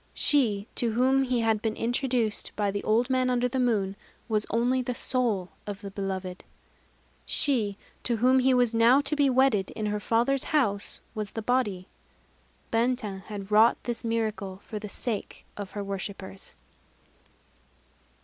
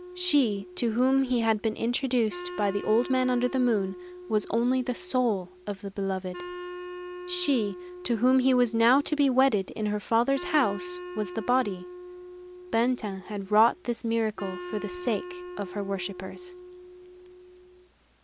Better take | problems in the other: first | background sound (Wind instrument, woodwind instrument); 14 dB below the speech

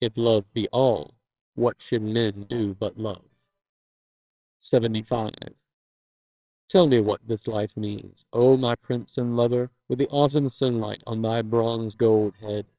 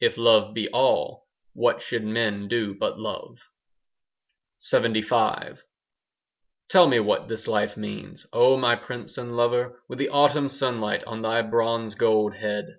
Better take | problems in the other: second | noise reduction (neural separator model SepFormer WHAMR!)

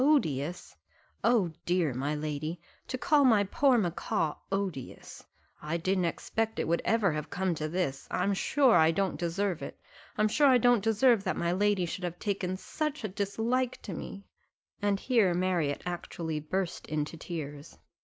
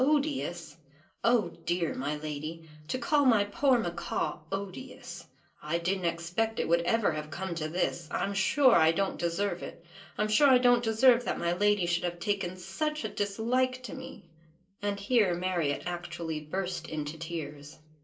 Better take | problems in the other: first | room echo; dies away in 0.2 s

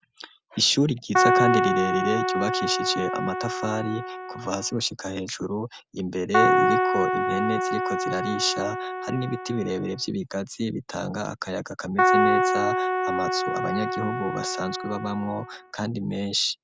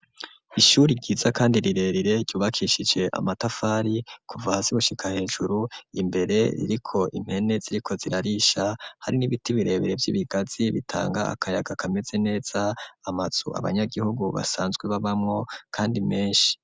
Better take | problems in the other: second | background sound (Keyboard (musical)); 4 dB above the speech

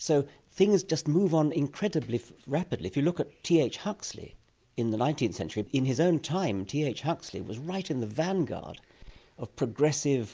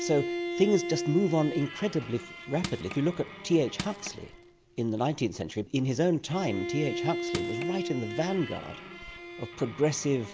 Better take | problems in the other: first | background sound (Bowed string instrument + Crushing); 7 dB below the speech

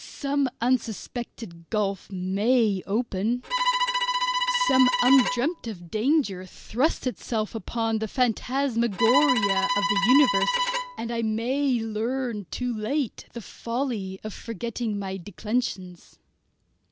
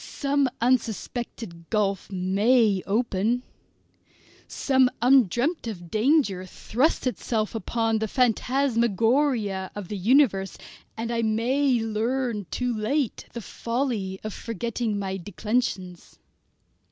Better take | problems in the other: second | background sound (Bowed string instrument); 1 dB below the speech

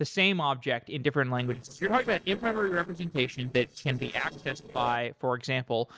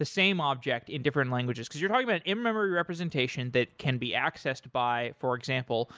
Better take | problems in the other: second | noise reduction (neural separator model SepFormer DNS4)

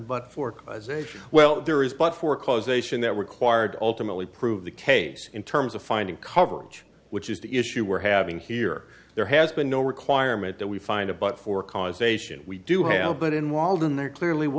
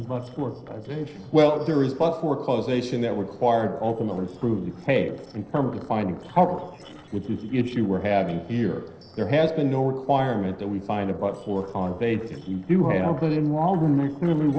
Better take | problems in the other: first | noise reduction (neural separator model SepFormer DNS4)

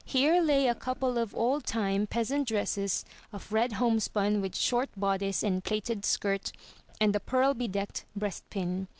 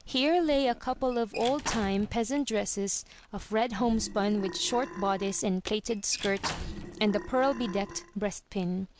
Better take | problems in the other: first | background sound (Squeak / Slam / Wood + Burping, eructation); 11 dB below the speech

